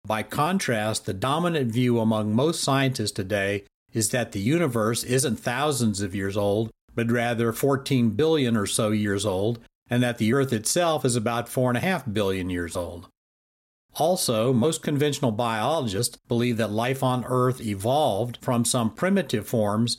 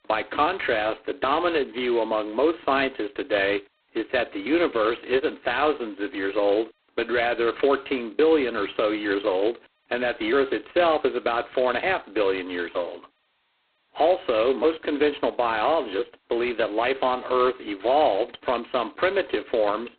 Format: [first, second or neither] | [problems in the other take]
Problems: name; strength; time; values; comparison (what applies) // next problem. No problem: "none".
first | phone-call audio; poor line; nothing above 4 kHz